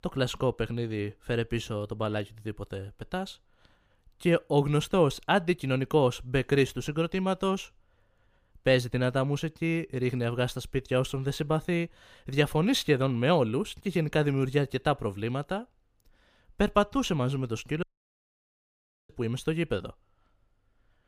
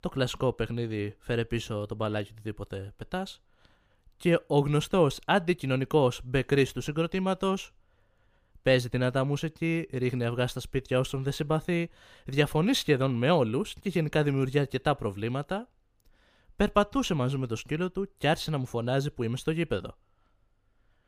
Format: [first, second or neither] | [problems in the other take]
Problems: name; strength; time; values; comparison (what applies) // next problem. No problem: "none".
second | audio cutting out; at 18 s for 1.5 s